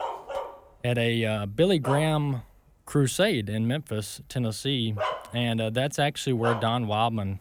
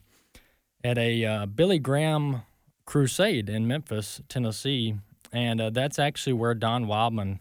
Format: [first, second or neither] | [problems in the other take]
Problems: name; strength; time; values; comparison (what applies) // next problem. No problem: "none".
second | dog barking; noticeable; until 6.5 s; peak 5 dB below the speech